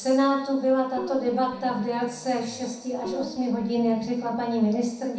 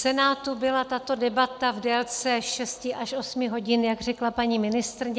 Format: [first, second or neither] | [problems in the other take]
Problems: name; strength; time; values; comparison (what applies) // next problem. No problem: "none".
second | background sound (Guitar); 15 dB below the speech // room echo; dies away in 0.7 s